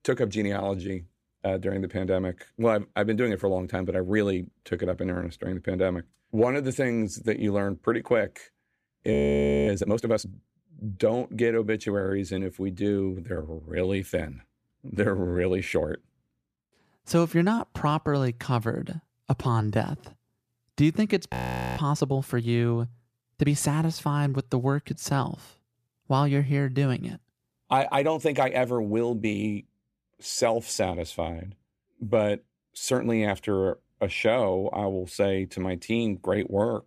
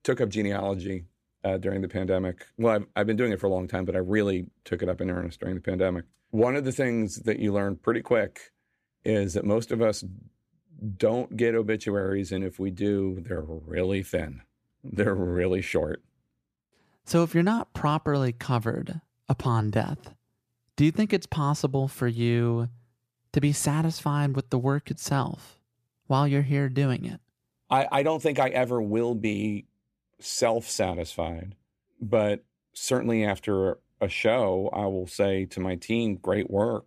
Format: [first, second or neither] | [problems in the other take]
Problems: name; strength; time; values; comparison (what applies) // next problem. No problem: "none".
second | audio freezing; at 9 s for 0.5 s and at 21 s